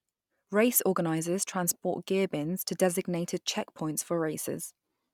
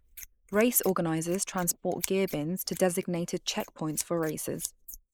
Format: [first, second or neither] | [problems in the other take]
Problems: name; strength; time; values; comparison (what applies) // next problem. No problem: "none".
first | noise reduction (neural mask model Resemble Enhance denoiser)